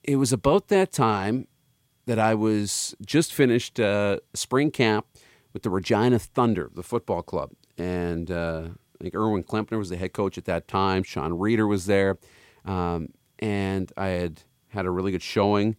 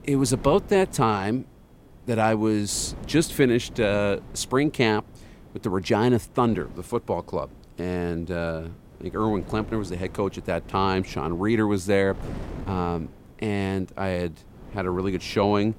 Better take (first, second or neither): first